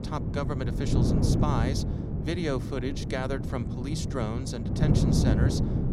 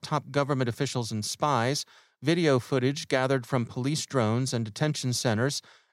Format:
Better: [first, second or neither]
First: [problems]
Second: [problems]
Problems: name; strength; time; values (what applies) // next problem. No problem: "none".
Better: second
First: wind noise on the microphone; heavy; 2 dB below the speech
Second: none